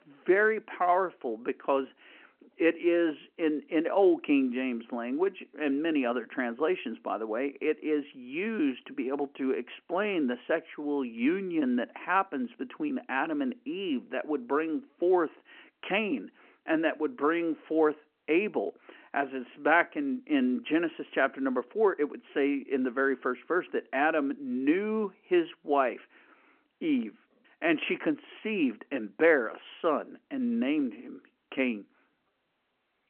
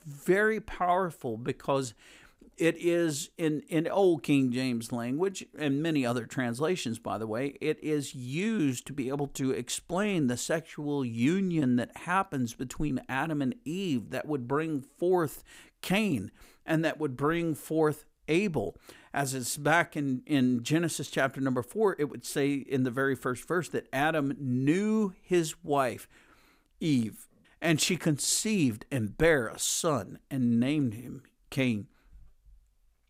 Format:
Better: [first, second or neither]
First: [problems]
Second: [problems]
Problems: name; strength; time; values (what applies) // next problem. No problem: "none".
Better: second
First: phone-call audio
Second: none